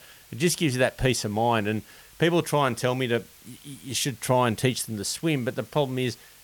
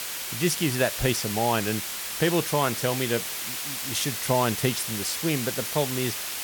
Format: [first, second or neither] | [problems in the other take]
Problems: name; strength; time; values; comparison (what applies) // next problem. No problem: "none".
first | hiss; loud; throughout; 3 dB below the speech; faint in the first